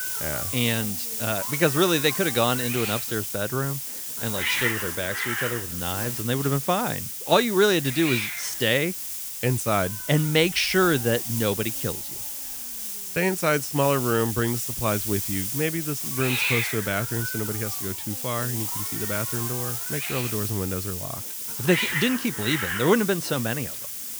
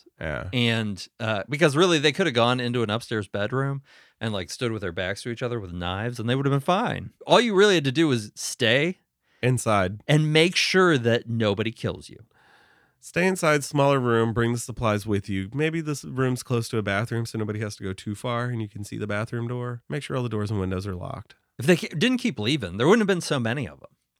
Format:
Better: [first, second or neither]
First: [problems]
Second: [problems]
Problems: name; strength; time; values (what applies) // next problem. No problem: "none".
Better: second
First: hiss; loud; throughout; 2 dB below the speech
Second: none